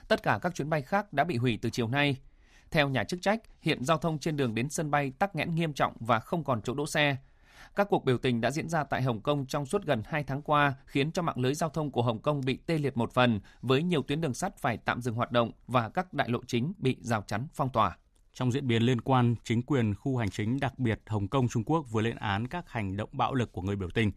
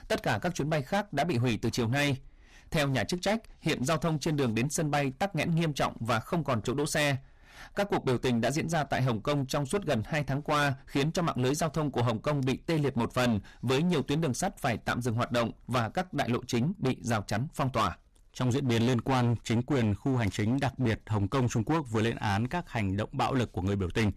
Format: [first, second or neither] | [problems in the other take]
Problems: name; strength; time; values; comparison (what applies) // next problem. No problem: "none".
first | distortion; heavy; 15% of the sound clipped